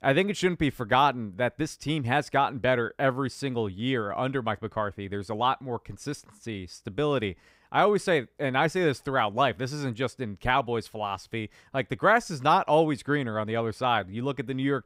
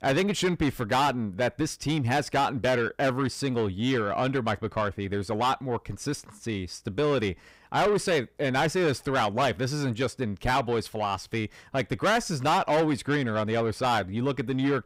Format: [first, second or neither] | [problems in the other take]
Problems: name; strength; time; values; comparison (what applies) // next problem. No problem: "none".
first | distortion; heavy; 8 dB below the speech